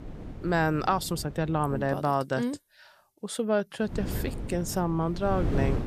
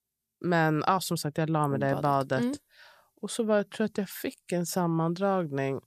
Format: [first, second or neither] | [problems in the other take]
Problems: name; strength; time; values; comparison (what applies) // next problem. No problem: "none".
second | wind noise on the microphone; occasional gusts; until 2 s and from 4 s on; 15 dB below the speech